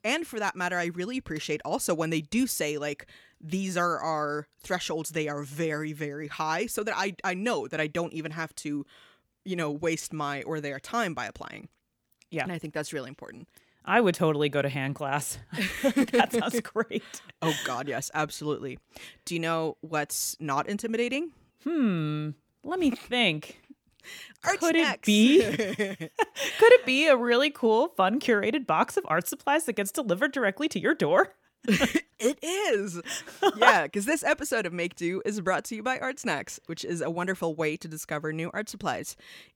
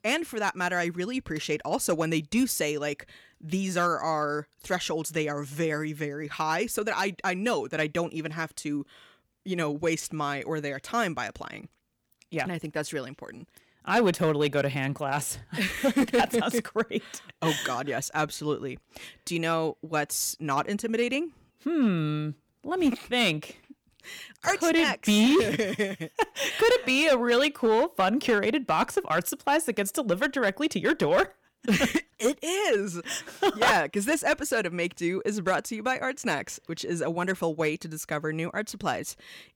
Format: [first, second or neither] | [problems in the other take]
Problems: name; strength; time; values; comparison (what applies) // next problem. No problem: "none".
first | distortion; slight; 3% of the sound clipped